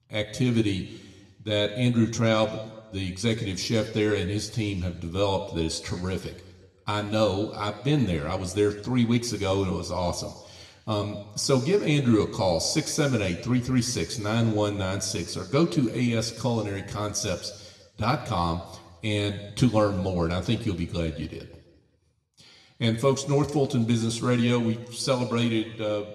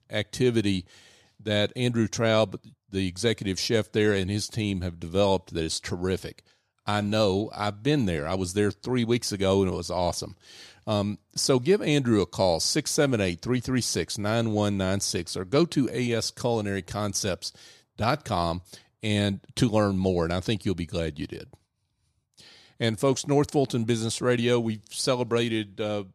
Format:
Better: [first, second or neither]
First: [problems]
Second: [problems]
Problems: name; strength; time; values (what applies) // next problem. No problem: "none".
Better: second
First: room echo; slight; dies away in 1.2 s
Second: none